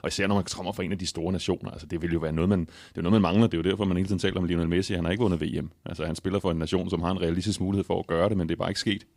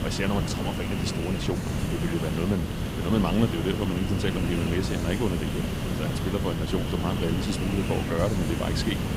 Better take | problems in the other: first | hiss; loud; throughout; as loud as the speech

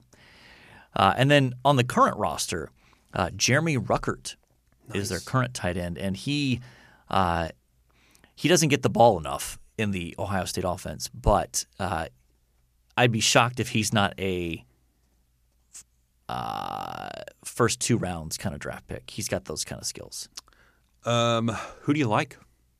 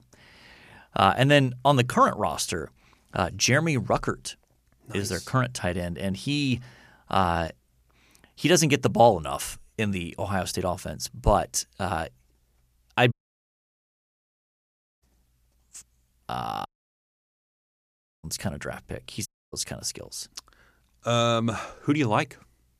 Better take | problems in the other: first | audio cutting out; at 13 s for 2 s, at 17 s for 1.5 s and at 19 s

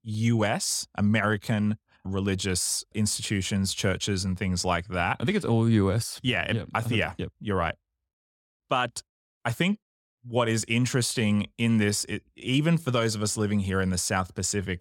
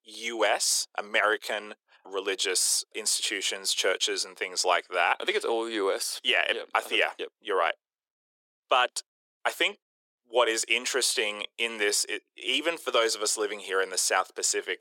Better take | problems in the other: first | thin; very; fading below 350 Hz

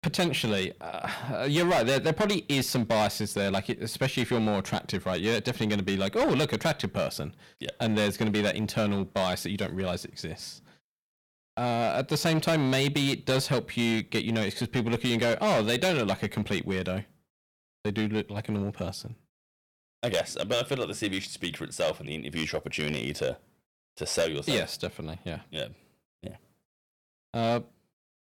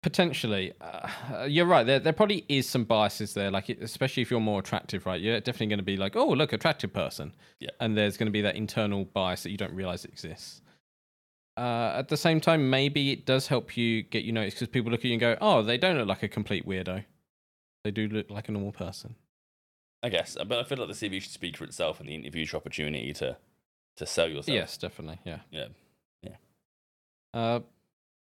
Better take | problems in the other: second | distortion; heavy; 8% of the sound clipped

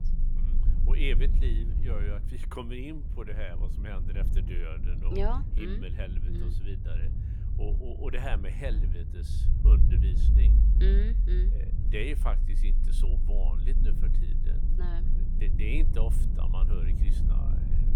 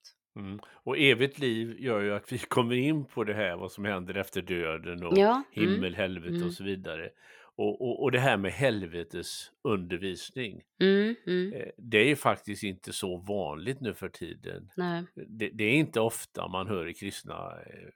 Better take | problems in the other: second | low rumble; loud; throughout; 6 dB below the speech

